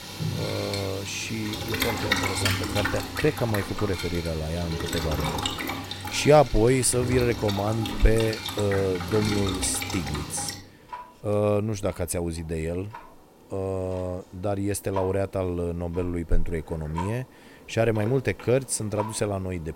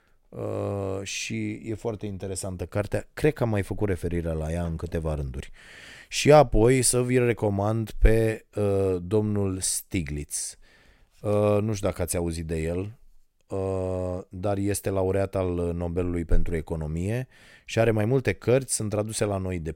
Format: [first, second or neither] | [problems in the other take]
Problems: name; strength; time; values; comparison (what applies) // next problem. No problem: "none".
second | household noises; loud; throughout; 4 dB below the speech